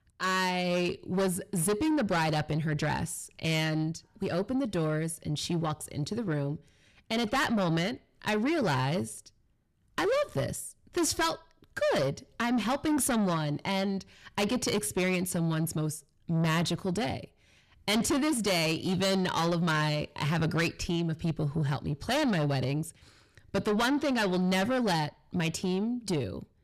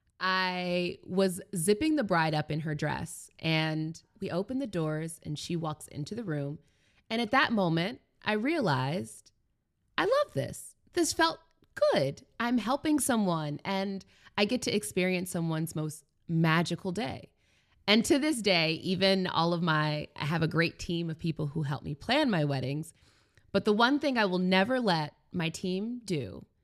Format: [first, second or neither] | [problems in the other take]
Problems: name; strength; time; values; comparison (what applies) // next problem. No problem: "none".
second | distortion; heavy; 7 dB below the speech